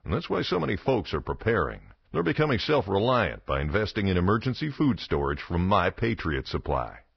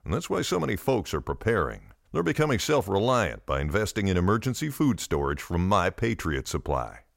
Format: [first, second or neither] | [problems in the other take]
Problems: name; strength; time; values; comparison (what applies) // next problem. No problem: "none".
second | garbled, watery; badly; nothing above 5.5 kHz